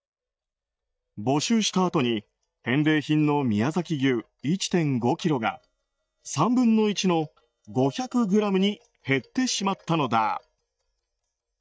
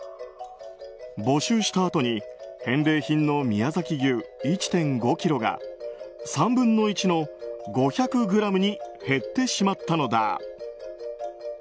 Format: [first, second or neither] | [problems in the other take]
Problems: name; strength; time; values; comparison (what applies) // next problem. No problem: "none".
second | noise reduction (neural mask model DeepFilterNet 3)